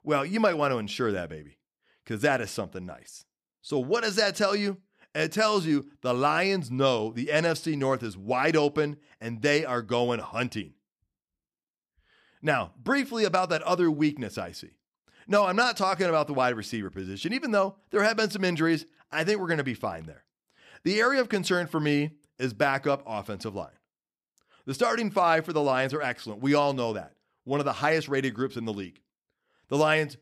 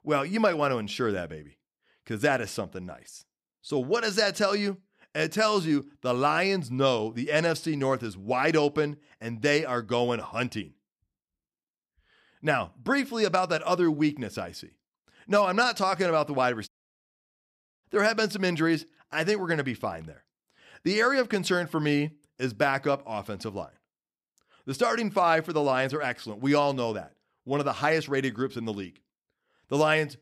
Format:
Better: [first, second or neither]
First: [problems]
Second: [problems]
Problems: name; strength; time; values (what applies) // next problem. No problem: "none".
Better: first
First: none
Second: audio cutting out; at 17 s for 1 s